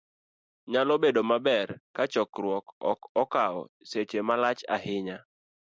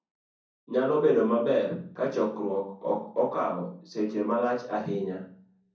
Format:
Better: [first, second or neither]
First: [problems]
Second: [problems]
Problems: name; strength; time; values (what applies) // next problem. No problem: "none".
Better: first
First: none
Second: room echo; dies away in 0.6 s